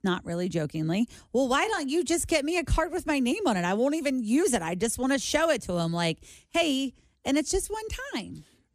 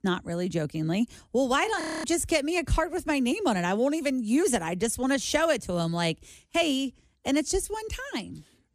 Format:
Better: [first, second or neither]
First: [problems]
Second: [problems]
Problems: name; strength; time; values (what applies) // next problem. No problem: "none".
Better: first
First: none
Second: audio freezing; at 2 s